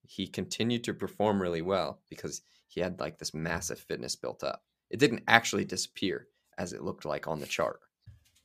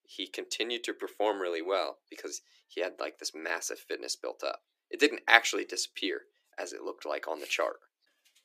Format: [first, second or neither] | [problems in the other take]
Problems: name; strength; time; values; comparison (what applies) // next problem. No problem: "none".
first | thin; somewhat; fading below 300 Hz